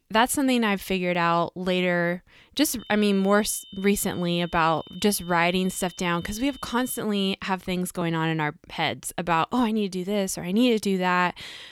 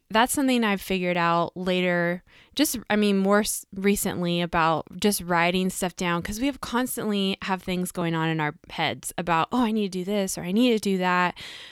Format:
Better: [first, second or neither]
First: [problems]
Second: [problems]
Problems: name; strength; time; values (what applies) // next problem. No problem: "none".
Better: second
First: high-pitched whine; faint; from 3 to 7 s; 3 kHz, 20 dB below the speech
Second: none